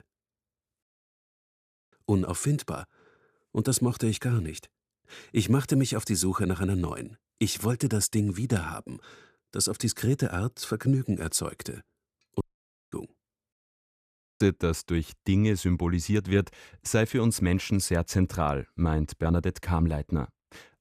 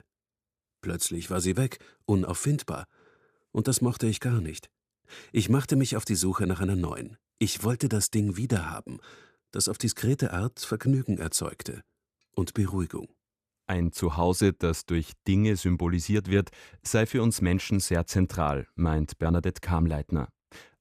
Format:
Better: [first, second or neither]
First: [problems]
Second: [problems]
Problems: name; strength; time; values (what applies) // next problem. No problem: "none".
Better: second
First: audio cutting out; at 1 s for 1 s, at 12 s for 0.5 s and at 14 s for 1 s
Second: none